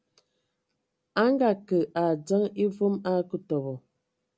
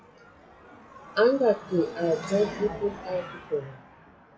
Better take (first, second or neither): first